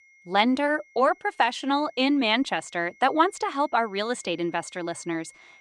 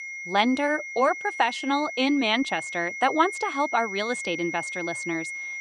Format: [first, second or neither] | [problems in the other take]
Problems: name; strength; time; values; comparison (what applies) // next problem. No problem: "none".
first | high-pitched whine; loud; throughout; 2 kHz, 7 dB below the speech; faint in the first